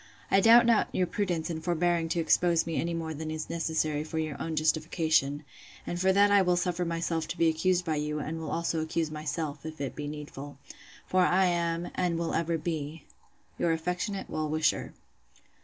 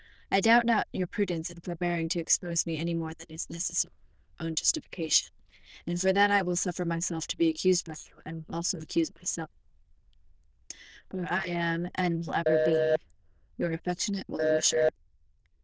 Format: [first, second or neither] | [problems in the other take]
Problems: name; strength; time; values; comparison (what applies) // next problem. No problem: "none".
first | noise reduction (neural diffusion model UNIVERSE++)